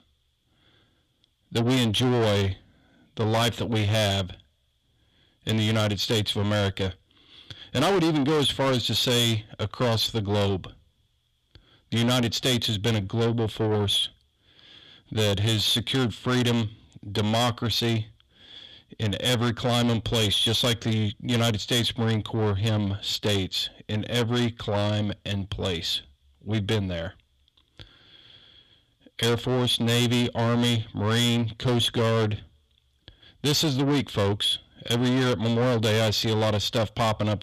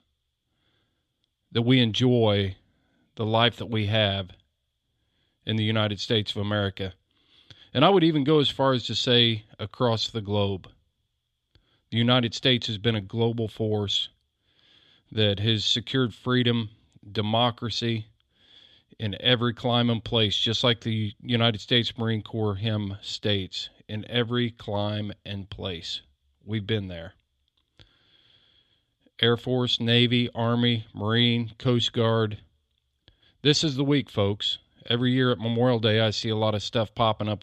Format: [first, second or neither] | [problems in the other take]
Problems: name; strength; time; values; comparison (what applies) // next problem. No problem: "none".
second | distortion; heavy; 7 dB below the speech